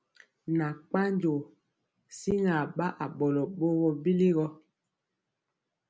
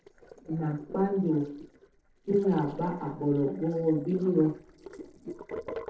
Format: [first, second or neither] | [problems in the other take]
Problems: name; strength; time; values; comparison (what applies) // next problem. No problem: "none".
first | noise reduction (neural separator model SepFormer DNS4)